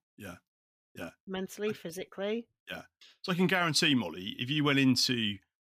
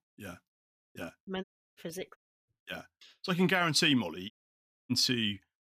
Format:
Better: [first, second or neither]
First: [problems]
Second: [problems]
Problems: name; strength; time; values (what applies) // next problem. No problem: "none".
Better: first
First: none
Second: audio cutting out; at 1.5 s, at 2 s and at 4.5 s for 0.5 s